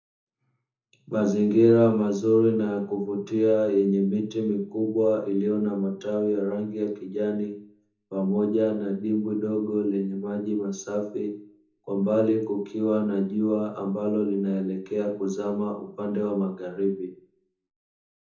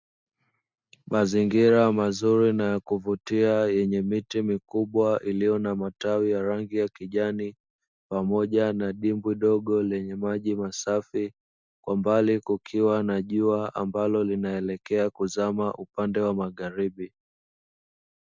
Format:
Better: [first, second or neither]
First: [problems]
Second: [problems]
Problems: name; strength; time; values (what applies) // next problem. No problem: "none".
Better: second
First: room echo; dies away in 0.6 s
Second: none